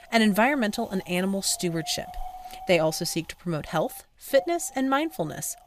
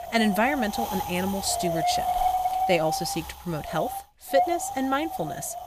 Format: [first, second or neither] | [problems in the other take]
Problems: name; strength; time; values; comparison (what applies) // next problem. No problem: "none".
first | wind noise on the microphone; heavy; as loud as the speech; occasional gusts in the first